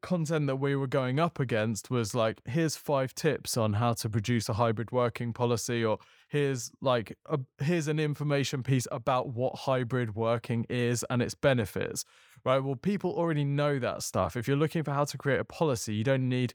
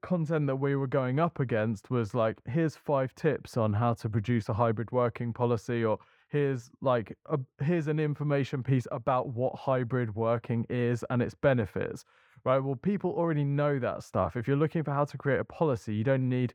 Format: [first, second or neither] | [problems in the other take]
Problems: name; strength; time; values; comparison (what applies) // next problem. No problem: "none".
first | muffled; very; fading above 3 kHz